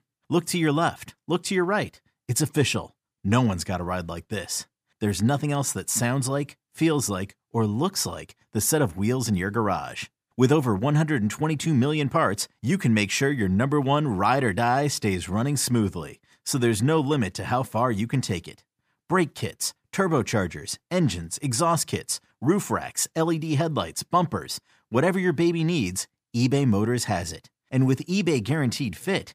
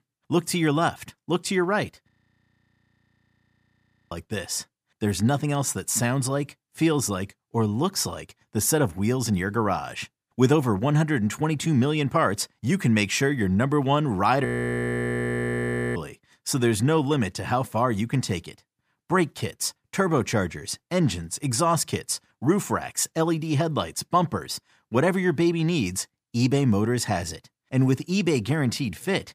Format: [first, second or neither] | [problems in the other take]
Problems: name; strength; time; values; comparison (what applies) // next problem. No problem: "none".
first | audio freezing; at 2 s for 2 s and at 14 s for 1.5 s